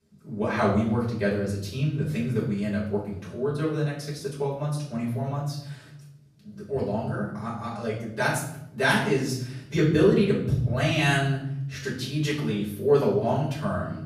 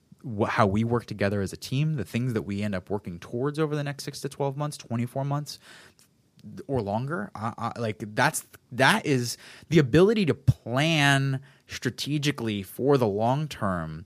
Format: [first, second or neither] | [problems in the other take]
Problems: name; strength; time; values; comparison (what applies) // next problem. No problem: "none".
second | off-mic speech; far // room echo; noticeable; dies away in 0.7 s